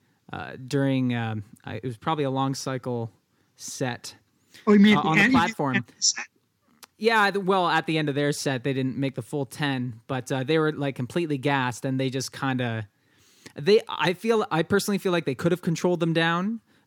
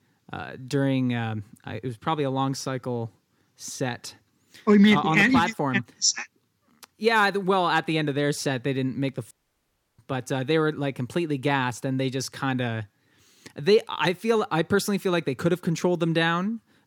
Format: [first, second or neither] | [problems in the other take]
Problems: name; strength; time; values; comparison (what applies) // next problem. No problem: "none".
first | audio cutting out; at 9.5 s for 0.5 s